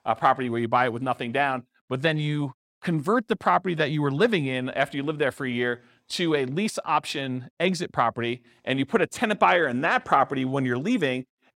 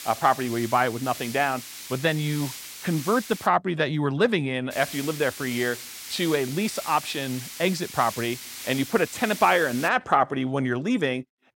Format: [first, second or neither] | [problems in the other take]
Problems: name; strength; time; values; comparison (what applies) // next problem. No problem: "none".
first | hiss; noticeable; until 3.5 s and from 4.5 to 10 s; 10 dB below the speech